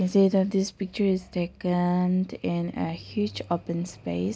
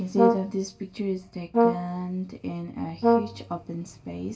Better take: first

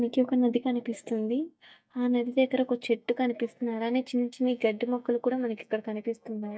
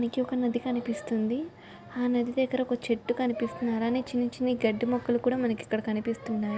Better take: second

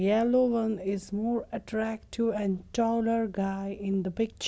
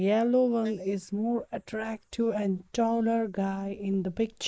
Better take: first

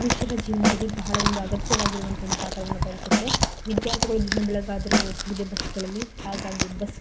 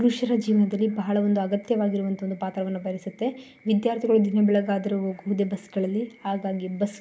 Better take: second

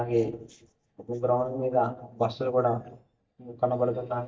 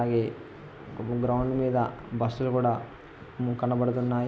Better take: second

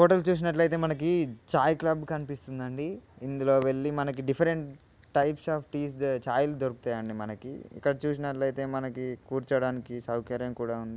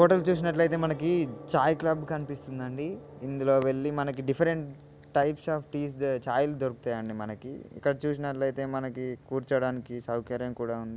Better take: first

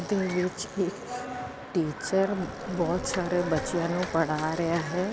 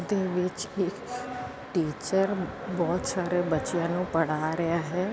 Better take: second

